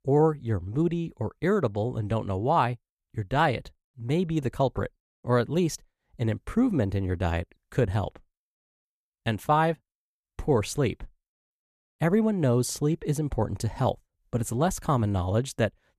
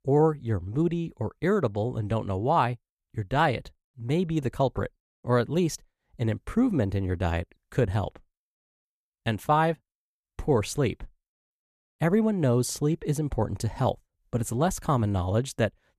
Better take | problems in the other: neither | none

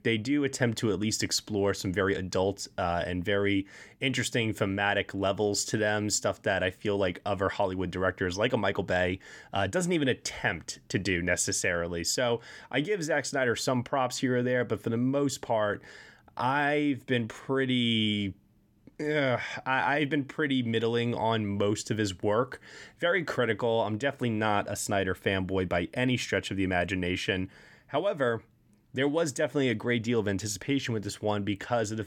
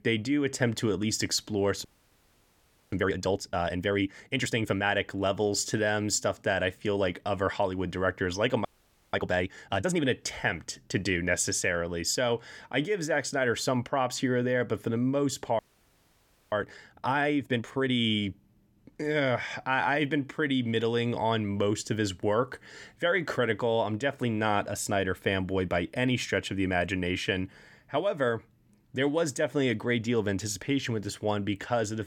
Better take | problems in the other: first | audio freezing; at 2 s for 1 s, at 8.5 s and at 16 s for 1 s

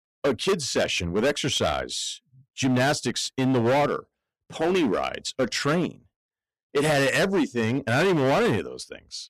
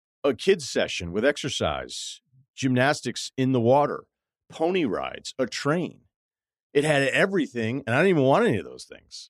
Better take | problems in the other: second | distortion; heavy; 14% of the sound clipped

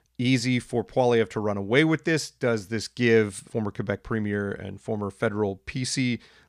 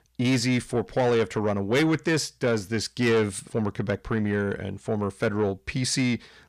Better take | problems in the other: first | distortion; slight; 10 dB below the speech

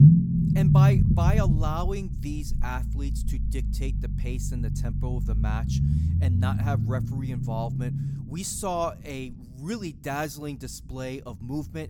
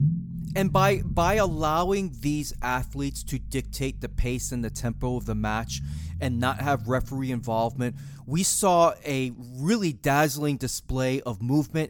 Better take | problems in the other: second | low rumble; loud; throughout; 2 dB below the speech; faint in the second

